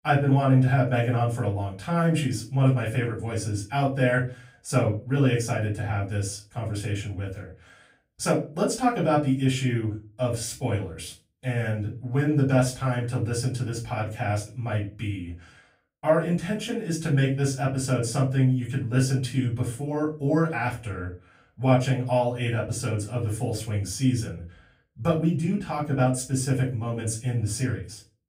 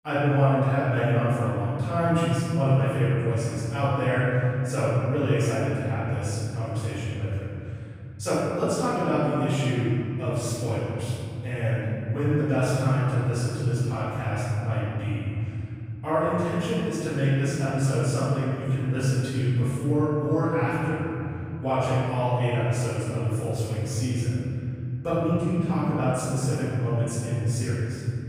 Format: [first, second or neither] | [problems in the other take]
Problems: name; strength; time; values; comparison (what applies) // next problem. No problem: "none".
first | room echo; strong; dies away in 3 s; slight in the first // off-mic speech; far; far in the first